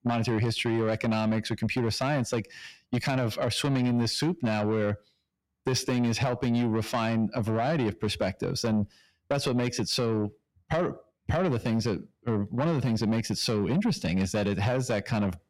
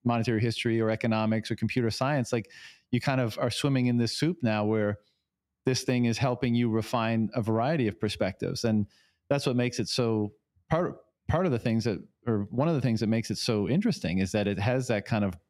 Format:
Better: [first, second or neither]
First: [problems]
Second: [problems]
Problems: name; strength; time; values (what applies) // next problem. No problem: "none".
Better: second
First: distortion; slight; 10 dB below the speech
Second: none